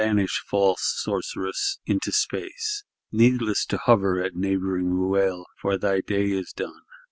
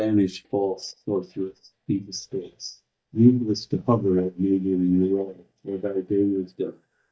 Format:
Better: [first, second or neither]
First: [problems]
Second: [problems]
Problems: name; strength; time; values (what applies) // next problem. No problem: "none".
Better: first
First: none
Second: noise reduction (neural mask model DeepFilterNet 3)